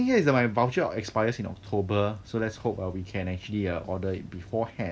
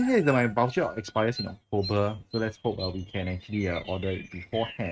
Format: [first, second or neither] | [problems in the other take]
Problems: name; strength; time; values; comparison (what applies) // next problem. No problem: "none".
first | noise reduction (neural mask model RNNoise)